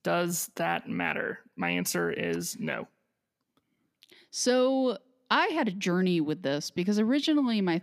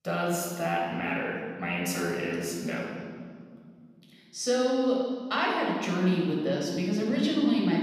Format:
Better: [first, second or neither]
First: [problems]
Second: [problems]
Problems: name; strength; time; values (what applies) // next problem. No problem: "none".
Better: first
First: none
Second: room echo; noticeable; dies away in 2 s // off-mic speech; far